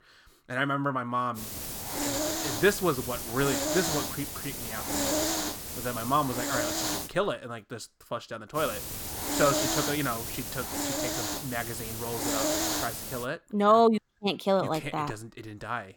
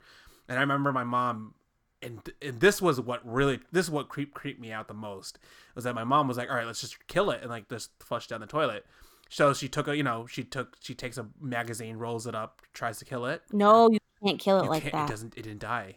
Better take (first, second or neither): second